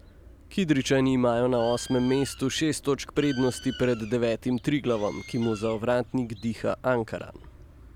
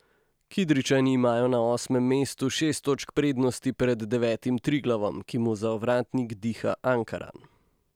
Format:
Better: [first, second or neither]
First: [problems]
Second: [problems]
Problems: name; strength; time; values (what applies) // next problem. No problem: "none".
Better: second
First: background sound (Bird); 19 dB below the speech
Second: none